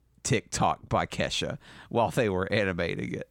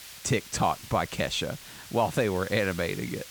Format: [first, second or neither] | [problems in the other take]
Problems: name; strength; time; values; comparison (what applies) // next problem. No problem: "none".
first | hiss; noticeable; throughout; 15 dB below the speech